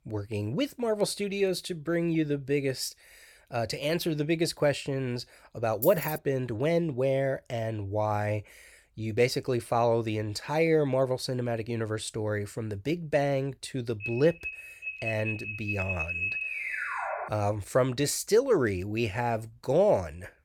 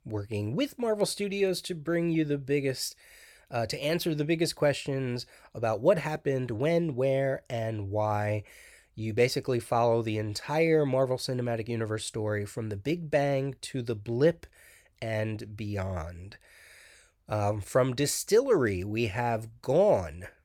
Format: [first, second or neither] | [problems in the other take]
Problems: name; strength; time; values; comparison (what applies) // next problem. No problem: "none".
second | jangling keys; noticeable; at 6 s; peak 5 dB below the speech // alarm; noticeable; from 14 to 17 s; peak level with the speech